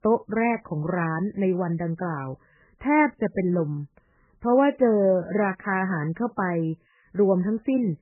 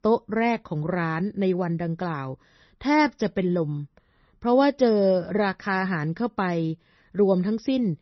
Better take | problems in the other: second | garbled, watery; badly; nothing above 3 kHz; slightly in the second

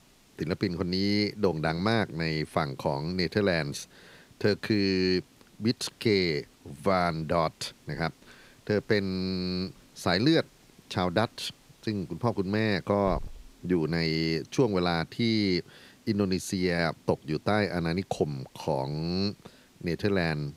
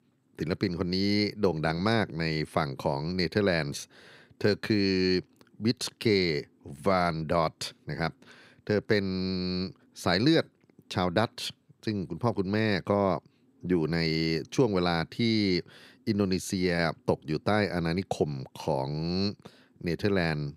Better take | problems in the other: second | hiss; faint; throughout; 25 dB below the speech

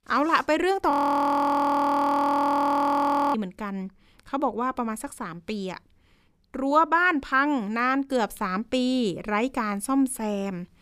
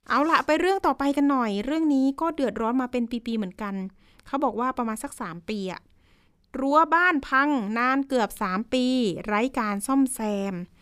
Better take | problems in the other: second | audio freezing; at 1 s for 2.5 s

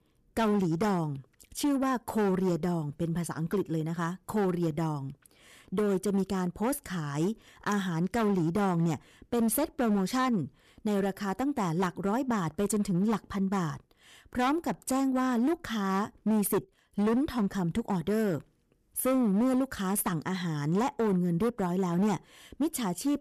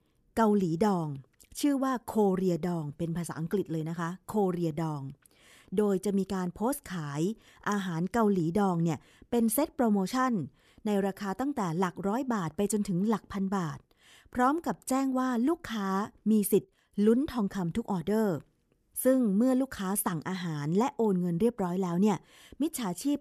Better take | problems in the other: second | distortion; slight; 11% of the sound clipped

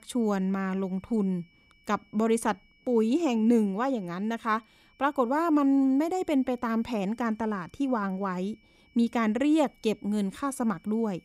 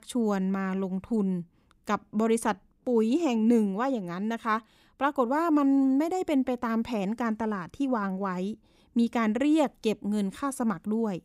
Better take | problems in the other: second | high-pitched whine; faint; throughout; 2.5 kHz, 35 dB below the speech

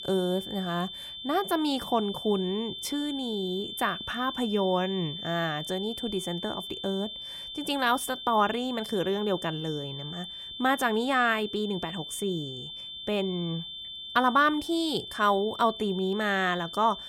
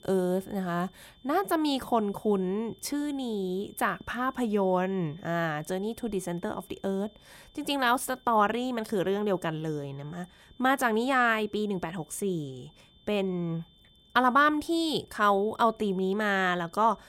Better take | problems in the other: second | high-pitched whine; loud; throughout; 3.5 kHz, 8 dB below the speech; faint in the second

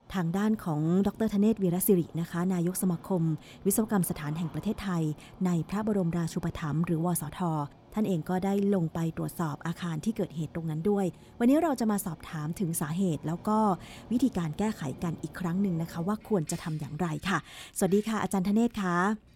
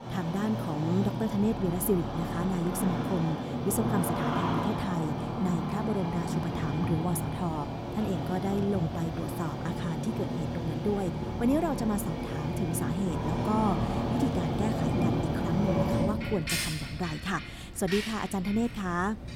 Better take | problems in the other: first | traffic noise; loud; throughout; as loud as the speech; faint in the first

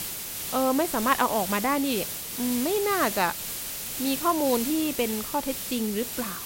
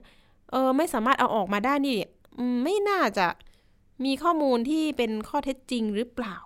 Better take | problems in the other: second | hiss; loud; throughout; 4 dB below the speech

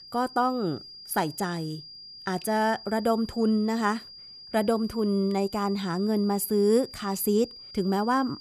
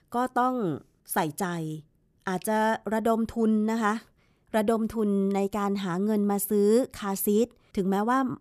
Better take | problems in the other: second | high-pitched whine; noticeable; throughout; 5 kHz, 15 dB below the speech

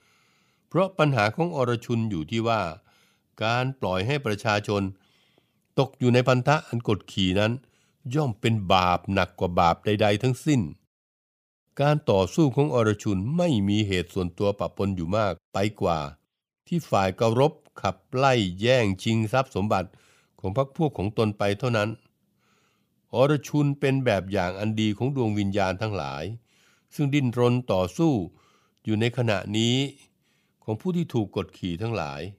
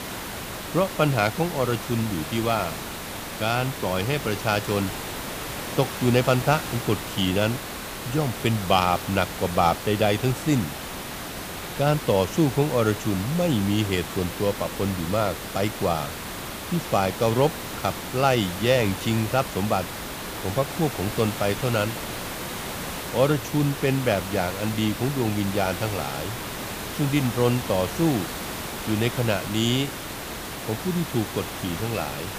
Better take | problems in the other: first | hiss; loud; throughout; 7 dB below the speech

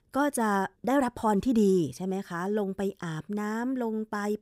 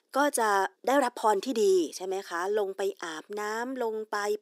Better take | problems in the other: first | thin; somewhat; fading below 300 Hz

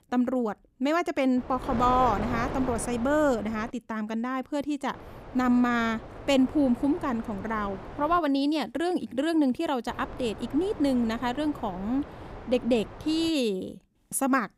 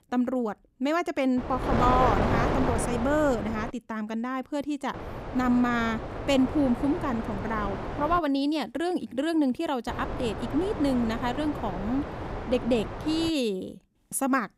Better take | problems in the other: first | wind noise on the microphone; heavy; from 1.5 to 3.5 s, from 5 to 8 s and from 10 to 13 s; 5 dB below the speech; occasional gusts in the first

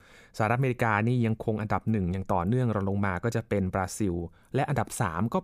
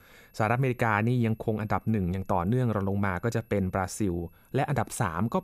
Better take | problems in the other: first | high-pitched whine; faint; throughout; 11.5 kHz, 35 dB below the speech

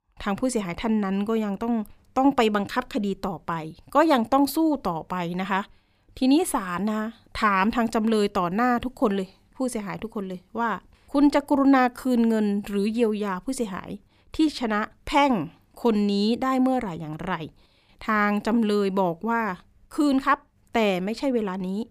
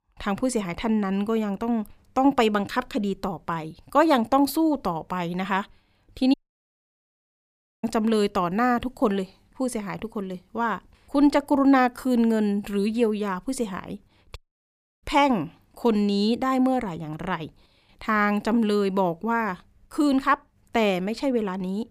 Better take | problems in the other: first | audio cutting out; at 6.5 s for 1.5 s and at 14 s for 0.5 s

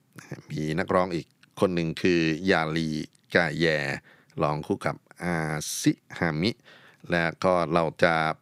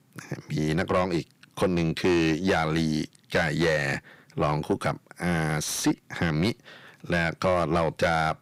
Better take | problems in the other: first | distortion; heavy; 7 dB below the speech

